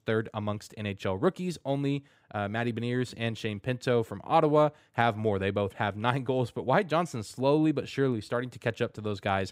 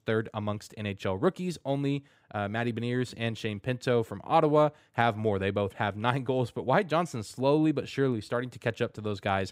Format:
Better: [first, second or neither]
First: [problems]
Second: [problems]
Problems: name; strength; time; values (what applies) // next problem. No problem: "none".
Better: neither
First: none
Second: none